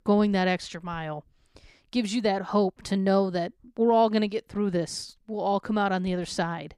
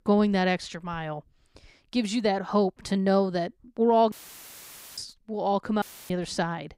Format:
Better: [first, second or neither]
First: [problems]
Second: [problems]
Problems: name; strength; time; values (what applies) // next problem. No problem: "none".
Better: first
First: none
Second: audio cutting out; filled with static; at 4 s for 1 s and at 6 s